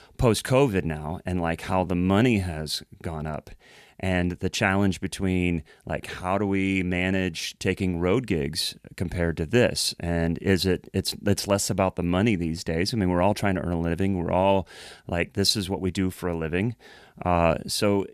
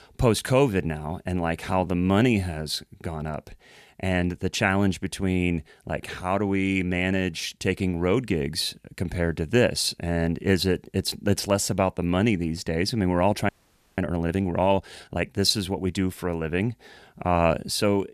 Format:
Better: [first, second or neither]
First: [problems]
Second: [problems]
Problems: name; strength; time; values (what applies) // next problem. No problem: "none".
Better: first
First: none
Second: audio freezing; at 13 s